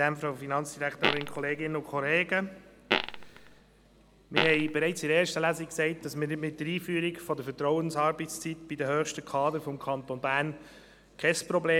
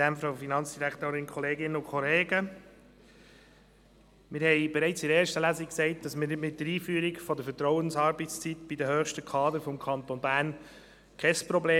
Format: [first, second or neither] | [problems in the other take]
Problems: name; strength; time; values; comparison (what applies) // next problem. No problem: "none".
second | background sound (Fart); 2 dB below the speech